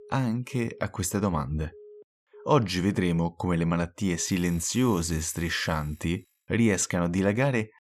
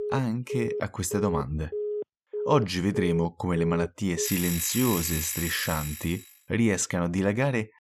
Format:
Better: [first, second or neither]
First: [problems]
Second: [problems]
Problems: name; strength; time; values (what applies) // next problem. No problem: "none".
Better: first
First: alarms or sirens; faint; until 6 s; 25 dB below the speech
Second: alarms or sirens; loud; until 6 s; 5 dB below the speech